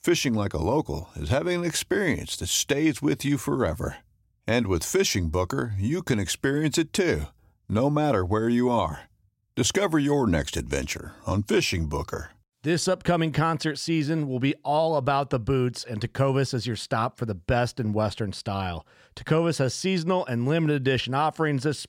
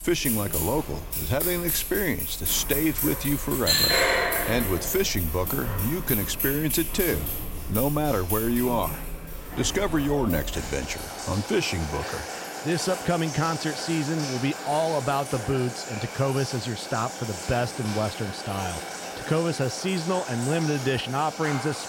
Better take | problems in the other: first | household noises; loud; throughout; 2 dB below the speech

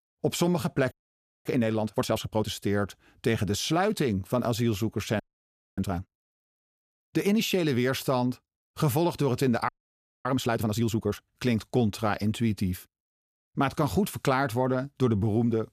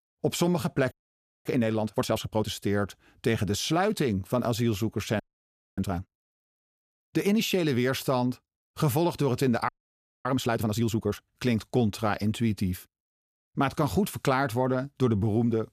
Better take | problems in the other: neither | audio freezing; at 1 s for 0.5 s, at 5 s for 0.5 s and at 9.5 s for 0.5 s; the same in both

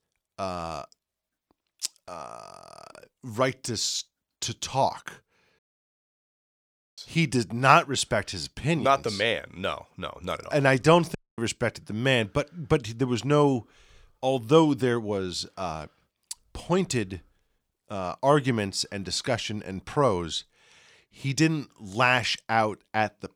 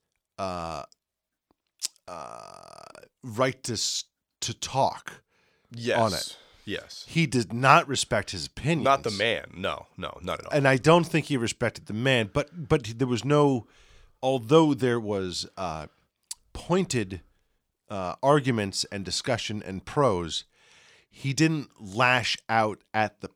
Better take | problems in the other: second | audio cutting out; at 5.5 s for 1.5 s and at 11 s

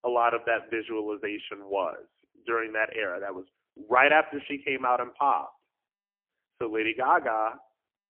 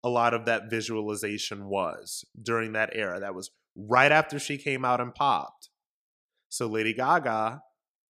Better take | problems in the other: second | phone-call audio; poor line; nothing above 3 kHz

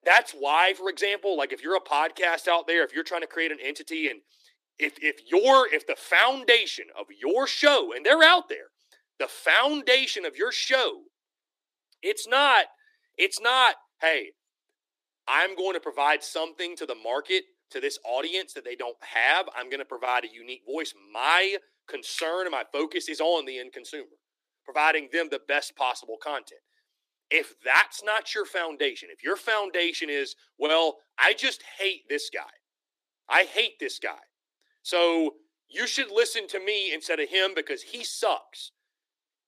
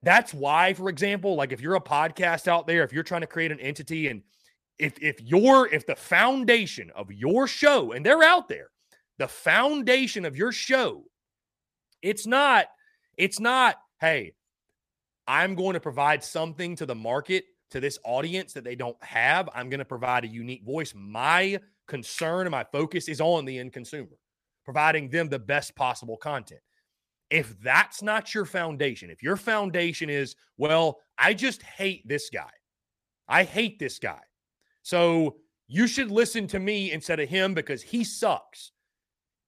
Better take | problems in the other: second | thin; somewhat; fading below 300 Hz

